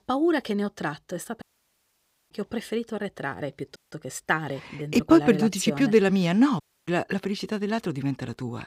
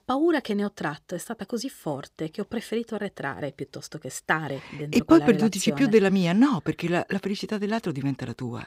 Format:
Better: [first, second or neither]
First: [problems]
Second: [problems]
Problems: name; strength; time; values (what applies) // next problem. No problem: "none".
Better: second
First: audio cutting out; at 1.5 s for 1 s, at 4 s and at 6.5 s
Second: none